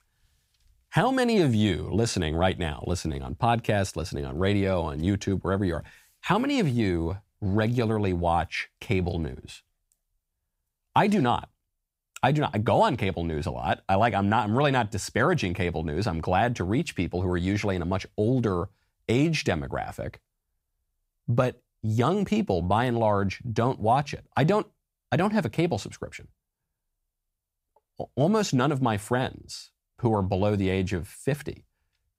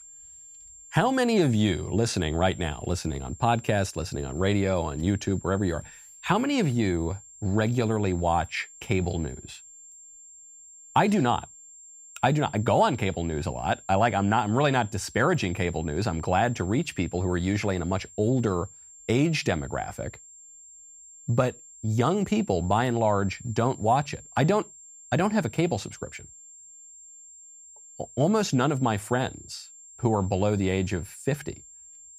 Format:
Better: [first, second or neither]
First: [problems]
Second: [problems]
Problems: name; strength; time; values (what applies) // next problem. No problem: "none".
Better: first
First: none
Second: high-pitched whine; noticeable; throughout; 7.5 kHz, 20 dB below the speech